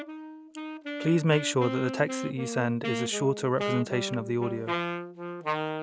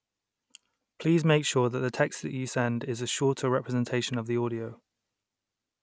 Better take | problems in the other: second | background sound (Wind instrument, woodwind instrument); 5 dB below the speech

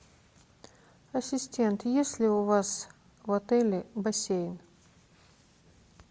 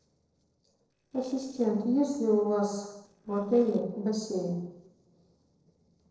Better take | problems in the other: first | noise reduction (neural separator model SepFormer DNS4)

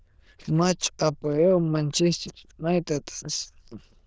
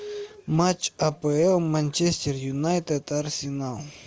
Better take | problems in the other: second | noise reduction (neural diffusion model UNIVERSE++)

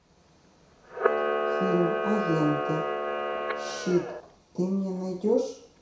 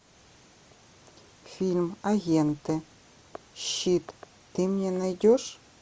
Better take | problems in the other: second | background sound (Camera); as loud as the speech // room echo; dies away in 0.6 s

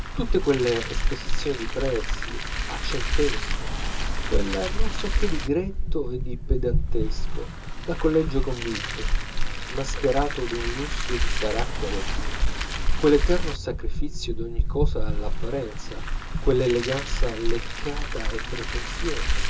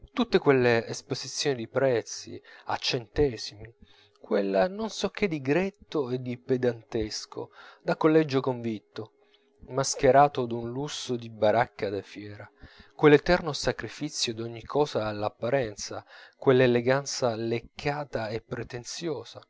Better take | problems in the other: second | background sound (Car); 5 dB above the speech // room echo; dies away in 0.2 s

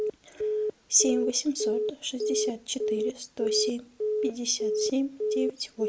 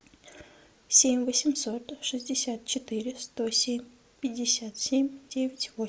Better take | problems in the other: second | background sound (Telephone); 1 dB above the speech

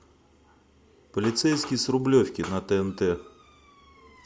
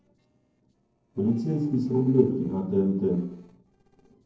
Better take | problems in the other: first | noise reduction (neural separator model SepFormer DNS4)

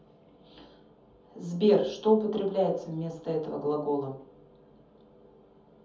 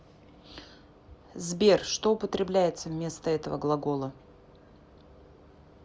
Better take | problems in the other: second | room echo; dies away in 0.6 s

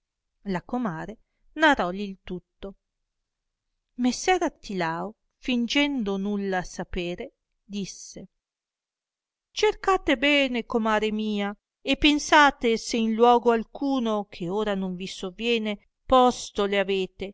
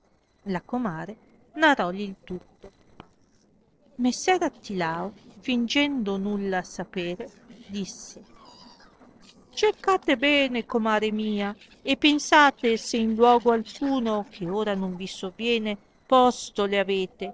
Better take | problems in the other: first | noise reduction (neural separator model SepFormer DNS4)

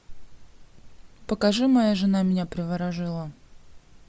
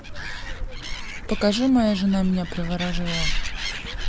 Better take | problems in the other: first | background sound (Animal); 3 dB below the speech

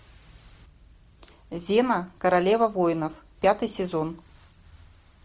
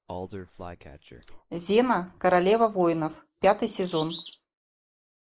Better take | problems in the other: first | noise reduction (neural mask model Resemble Enhance denoiser)

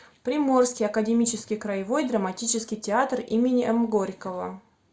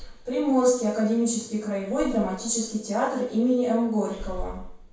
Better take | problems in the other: first | background sound (Breathing); 16 dB below the speech // room echo; dies away in 0.6 s

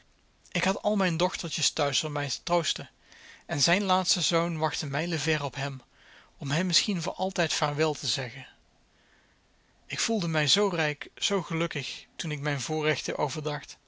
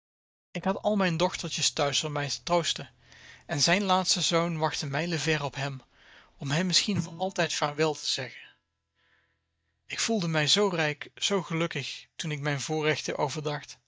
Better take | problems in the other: first | noise reduction (neural mask model DeepFilterNet 3)

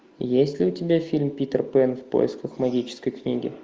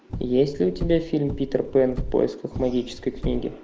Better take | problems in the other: first | background sound (Car); 9 dB below the speech

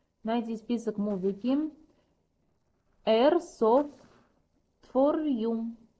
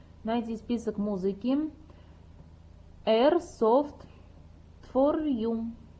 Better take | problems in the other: second | noise reduction (neural separator model SepFormer DNS4)

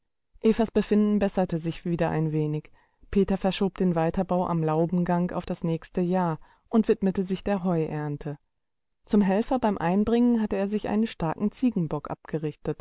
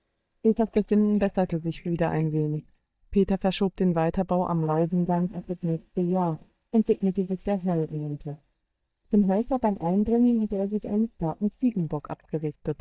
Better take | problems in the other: first | noise reduction (neural mask model DeepFilterNet 3)

